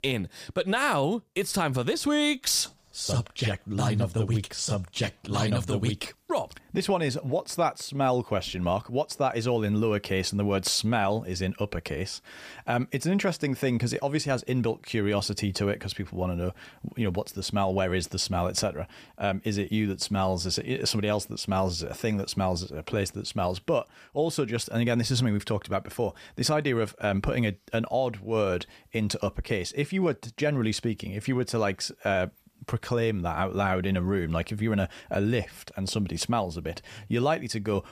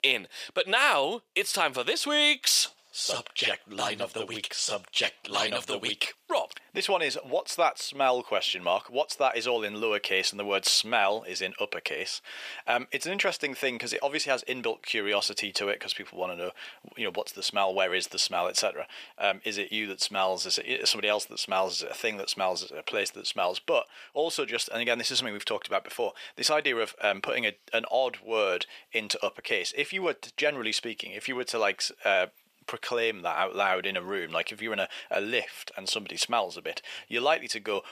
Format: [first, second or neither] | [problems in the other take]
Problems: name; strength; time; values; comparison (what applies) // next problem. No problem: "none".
first | thin; very; fading below 550 Hz